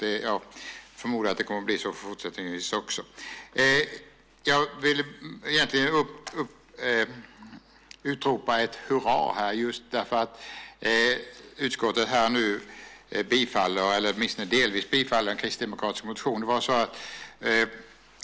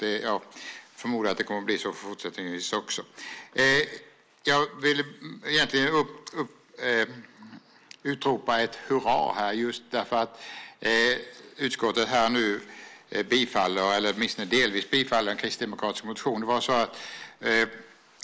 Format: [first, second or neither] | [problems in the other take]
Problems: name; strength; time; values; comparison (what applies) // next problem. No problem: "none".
first | noise reduction (neural mask model Resemble Enhance denoiser)